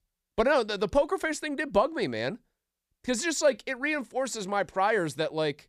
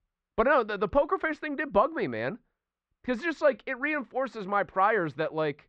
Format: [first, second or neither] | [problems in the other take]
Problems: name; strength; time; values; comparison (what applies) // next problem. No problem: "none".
first | muffled; very; fading above 3 kHz